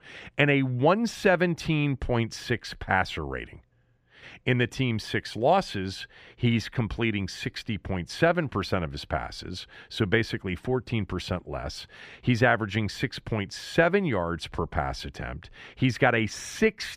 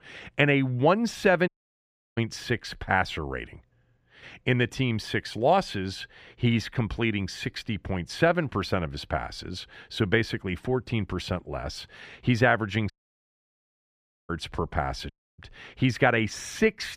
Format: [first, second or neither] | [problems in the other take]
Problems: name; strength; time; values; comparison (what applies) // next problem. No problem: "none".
first | audio cutting out; at 1.5 s for 0.5 s, at 13 s for 1.5 s and at 15 s